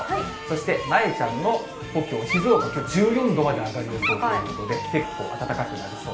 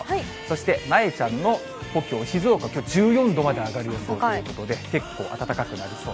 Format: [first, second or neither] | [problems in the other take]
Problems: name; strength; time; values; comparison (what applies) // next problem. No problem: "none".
second | background sound (Dog); 8 dB below the speech // room echo; dies away in 0.4 s